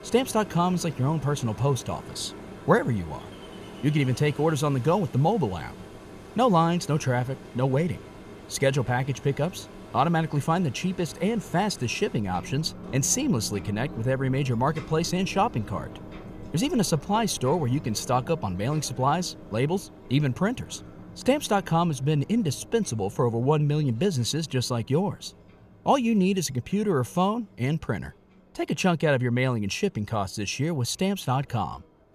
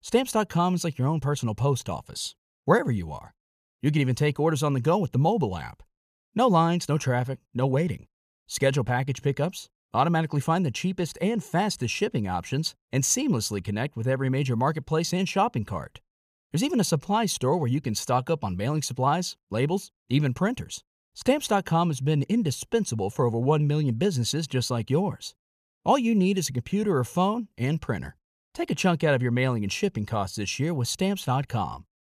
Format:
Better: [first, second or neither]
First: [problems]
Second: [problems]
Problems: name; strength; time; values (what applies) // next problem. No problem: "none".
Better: second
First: rain or running water; noticeable; throughout; 15 dB below the speech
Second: none